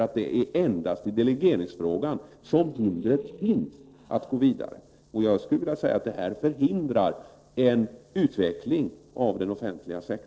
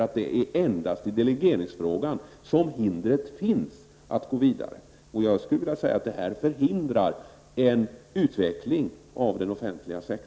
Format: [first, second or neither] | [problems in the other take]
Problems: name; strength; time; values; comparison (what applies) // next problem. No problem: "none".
second | noise reduction (neural separator model SepFormer DNS4)